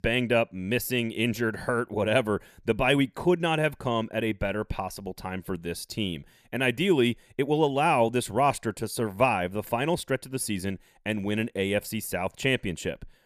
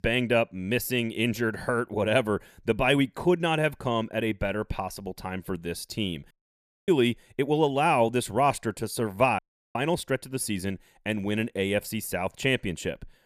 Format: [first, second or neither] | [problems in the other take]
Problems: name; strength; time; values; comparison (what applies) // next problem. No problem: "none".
first | audio cutting out; at 6.5 s for 0.5 s and at 9.5 s